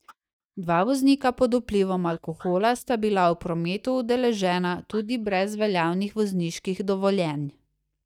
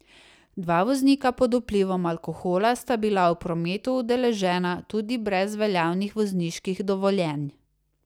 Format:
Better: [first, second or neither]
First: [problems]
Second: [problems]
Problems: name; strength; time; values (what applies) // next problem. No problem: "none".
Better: second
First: noise reduction (neural mask model DeepFilterNet 3)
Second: none